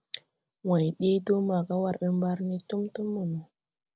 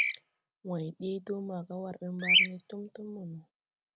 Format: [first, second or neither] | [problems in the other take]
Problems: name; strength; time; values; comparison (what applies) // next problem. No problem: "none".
first | background sound (Bird vocalization, bird call, bird song); 5 dB above the speech